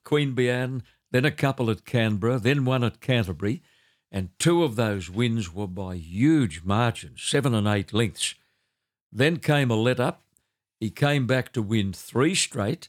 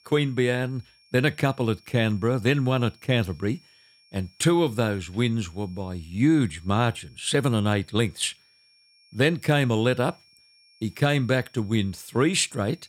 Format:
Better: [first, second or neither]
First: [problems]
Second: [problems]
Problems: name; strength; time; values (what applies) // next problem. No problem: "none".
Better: first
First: none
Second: high-pitched whine; faint; throughout; 5.5 kHz, 30 dB below the speech